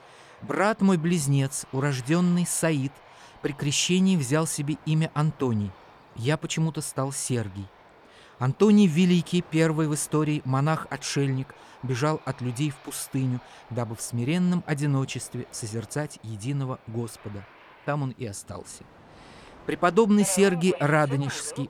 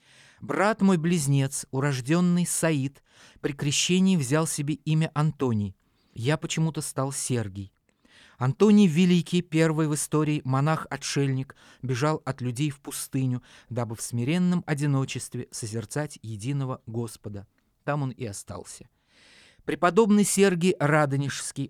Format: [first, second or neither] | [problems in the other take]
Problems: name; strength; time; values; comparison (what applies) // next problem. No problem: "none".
second | train or aircraft noise; faint; throughout; 20 dB below the speech